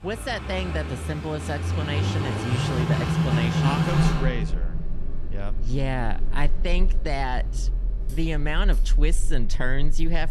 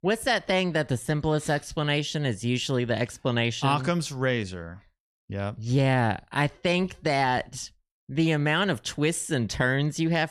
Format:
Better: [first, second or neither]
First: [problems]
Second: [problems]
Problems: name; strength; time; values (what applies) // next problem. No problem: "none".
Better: second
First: traffic noise; very loud; throughout; 4 dB above the speech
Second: none